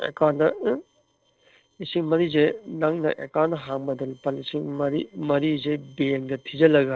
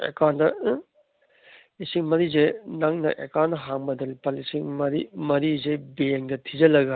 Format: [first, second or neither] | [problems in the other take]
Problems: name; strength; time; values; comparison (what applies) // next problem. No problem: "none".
second | noise reduction (neural separator model SepFormer DNS4)